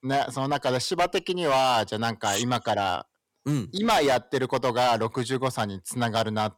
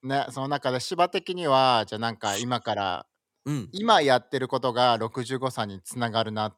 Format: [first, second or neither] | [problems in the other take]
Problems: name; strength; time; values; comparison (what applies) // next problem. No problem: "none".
second | distortion; heavy; 9% of the sound clipped